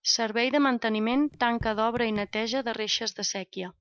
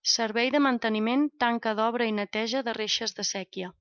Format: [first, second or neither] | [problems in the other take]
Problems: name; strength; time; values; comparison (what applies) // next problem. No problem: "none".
second | background sound (Raindrop / Drip); 17 dB below the speech